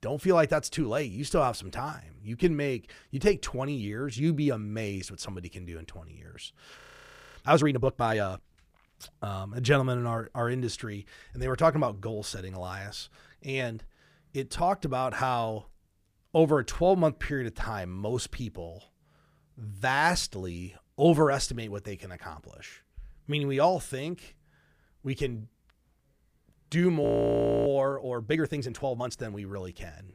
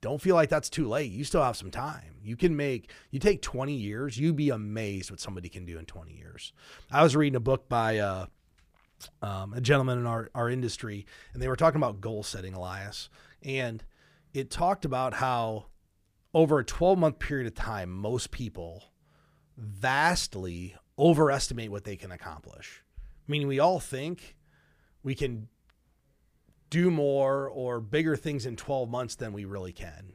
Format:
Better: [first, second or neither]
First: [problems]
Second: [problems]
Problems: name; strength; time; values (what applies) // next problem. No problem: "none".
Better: second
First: audio freezing; at 7 s for 0.5 s and at 27 s for 0.5 s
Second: none